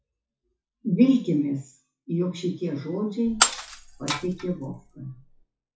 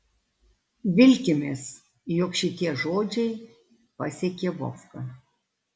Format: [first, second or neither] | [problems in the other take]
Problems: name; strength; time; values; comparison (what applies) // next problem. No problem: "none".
second | noise reduction (classical method WPE with log-MMSE)